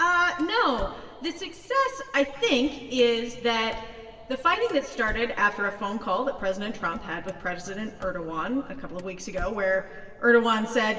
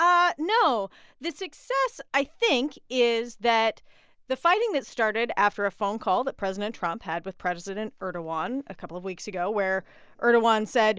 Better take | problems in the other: second | background sound (Car); 18 dB below the speech // room echo; dies away in 1.9 s

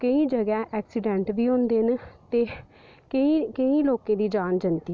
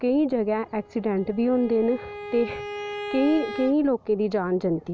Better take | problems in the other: first | background sound (Bowed string instrument); 13 dB below the speech

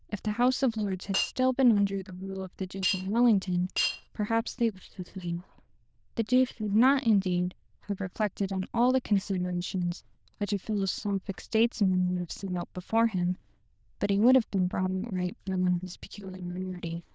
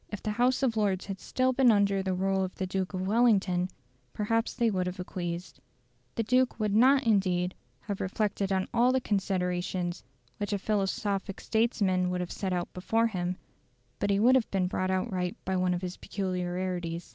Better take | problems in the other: second | noise reduction (neural diffusion model UNIVERSE++)

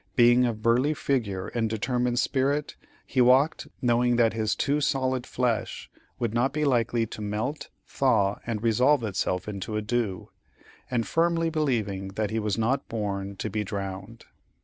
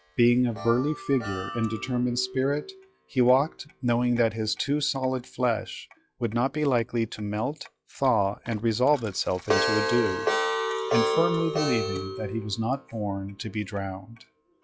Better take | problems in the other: first | noise reduction (classical method log-MMSE)

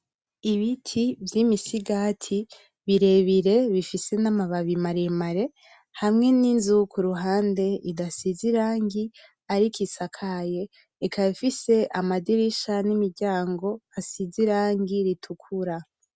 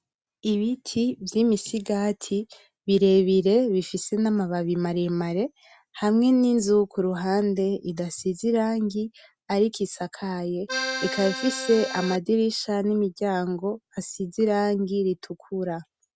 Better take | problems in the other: first | background sound (Accordion); 6 dB below the speech

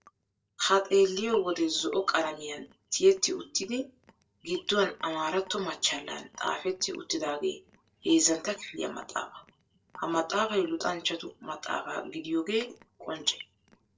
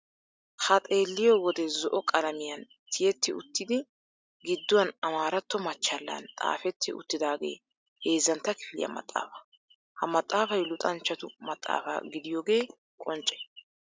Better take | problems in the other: second | noise reduction (neural separator model SepFormer DNS4)

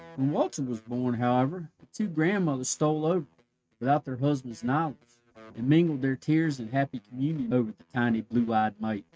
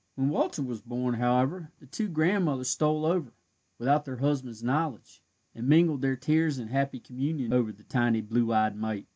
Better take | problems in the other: second | noise reduction (neural mask model RNNoise)

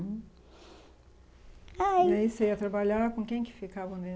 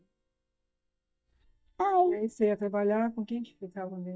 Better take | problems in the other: first | noise reduction (neural mask model DeepFilterNet 3)

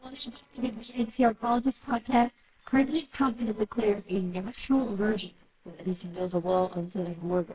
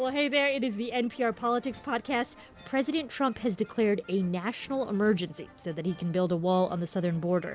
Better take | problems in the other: second | noise reduction (neural separator model SepFormer WHAMR!)

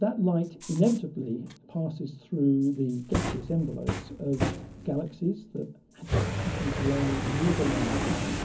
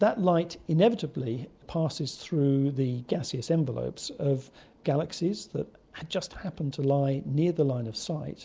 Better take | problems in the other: second | background sound (Fire); 4 dB below the speech // room echo; dies away in 0.4 s

